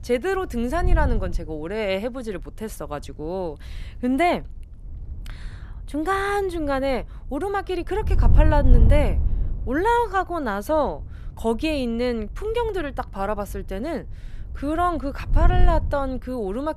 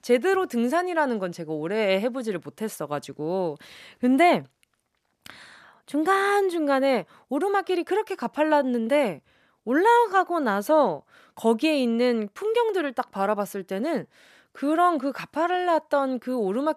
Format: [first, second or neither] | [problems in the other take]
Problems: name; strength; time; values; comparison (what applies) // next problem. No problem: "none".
second | wind noise on the microphone; occasional gusts; 20 dB below the speech